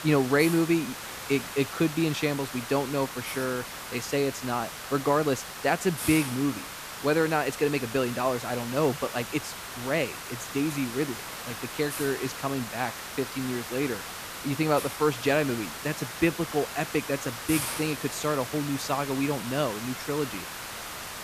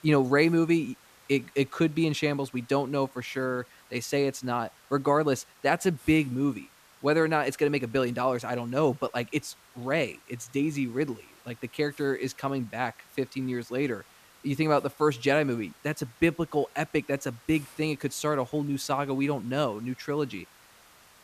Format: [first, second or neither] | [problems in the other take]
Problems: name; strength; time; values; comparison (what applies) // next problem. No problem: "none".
second | hiss; loud; throughout; 7 dB below the speech; faint in the second